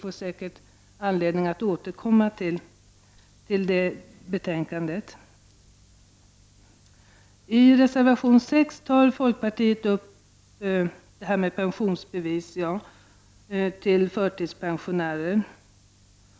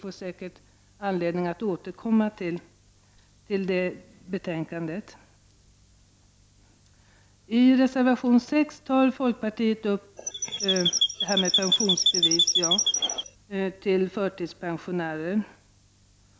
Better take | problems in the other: first | background sound (Chirp, tweet); 3 dB above the speech

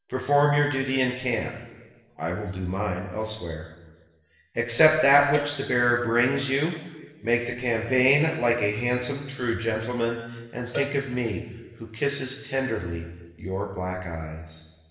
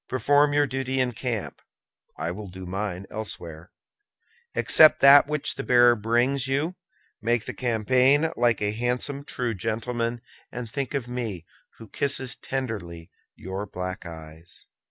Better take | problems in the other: second | background sound (Cowbell); 14 dB below the speech // room echo; dies away in 1.2 s

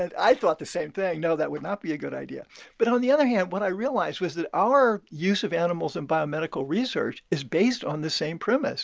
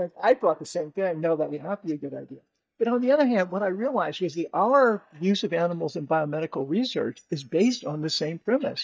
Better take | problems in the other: first | noise reduction (neural mask model DeepFilterNet 3)

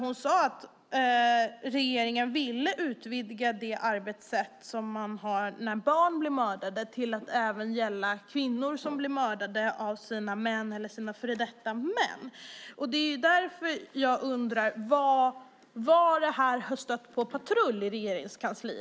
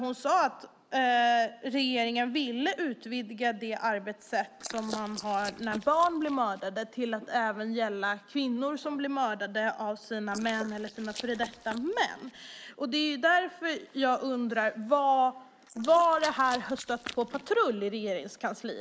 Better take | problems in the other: first | noise reduction (neural mask model Resemble Enhance denoiser)

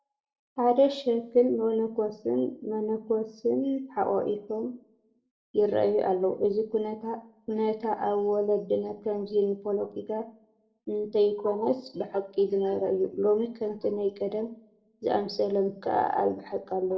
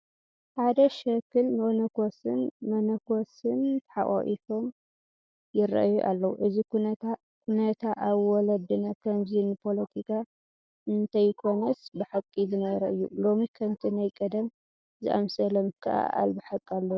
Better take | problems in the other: second | room echo; dies away in 0.4 s

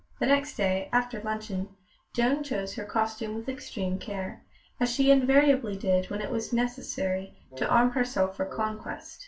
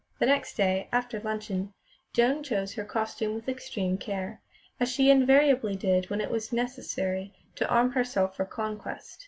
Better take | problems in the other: second | background sound (Wind instrument, woodwind instrument); 17 dB below the speech // room echo; dies away in 0.2 s

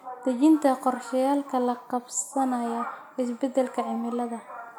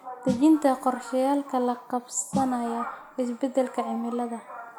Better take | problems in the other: first | background sound (Snare drum); 14 dB below the speech

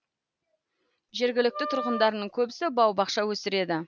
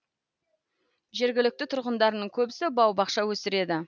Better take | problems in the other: second | background sound (Wind instrument, woodwind instrument); 9 dB below the speech

